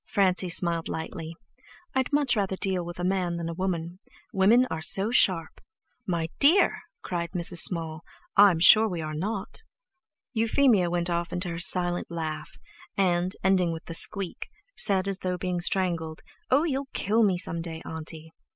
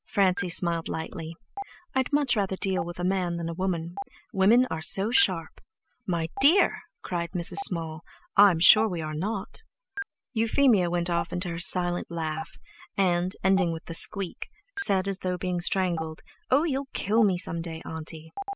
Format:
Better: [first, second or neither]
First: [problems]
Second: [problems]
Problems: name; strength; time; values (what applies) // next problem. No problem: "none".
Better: first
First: none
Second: background sound (Stream); 15 dB below the speech